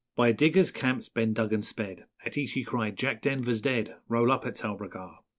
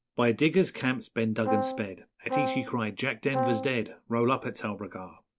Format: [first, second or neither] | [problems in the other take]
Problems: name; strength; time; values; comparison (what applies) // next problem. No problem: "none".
first | background sound (Brass instrument); 3 dB below the speech